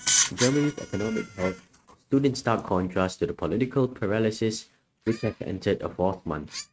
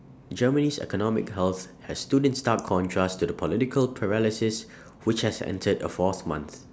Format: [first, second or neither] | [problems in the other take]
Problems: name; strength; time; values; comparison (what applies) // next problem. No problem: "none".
second | noise reduction (neural mask model RNNoise)